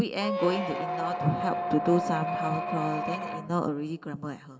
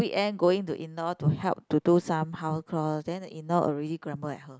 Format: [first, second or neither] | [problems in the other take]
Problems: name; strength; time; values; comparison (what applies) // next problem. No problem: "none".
second | background sound (Squeak); 2 dB below the speech // room echo; dies away in 0.6 s